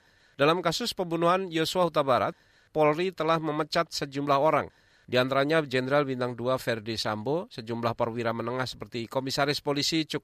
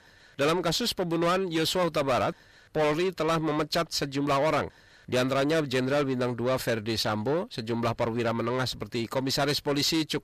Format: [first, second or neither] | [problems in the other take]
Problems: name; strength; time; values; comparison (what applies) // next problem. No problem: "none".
first | distortion; heavy; 8 dB below the speech